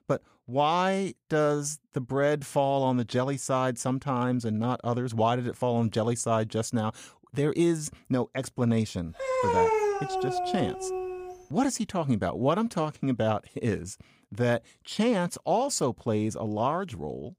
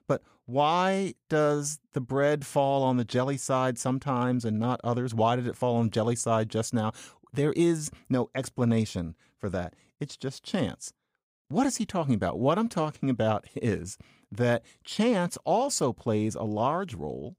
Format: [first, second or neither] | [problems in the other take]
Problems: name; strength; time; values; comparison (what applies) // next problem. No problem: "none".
second | dog barking; loud; from 9 to 11 s; peak 4 dB above the speech